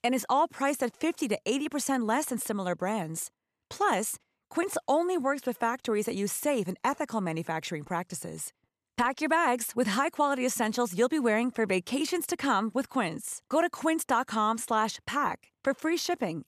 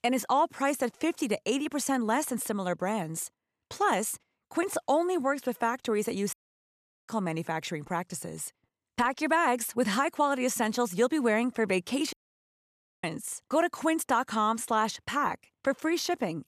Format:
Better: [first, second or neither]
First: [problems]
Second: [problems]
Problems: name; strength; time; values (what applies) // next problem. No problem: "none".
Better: first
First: none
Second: audio cutting out; at 6.5 s for 1 s and at 12 s for 1 s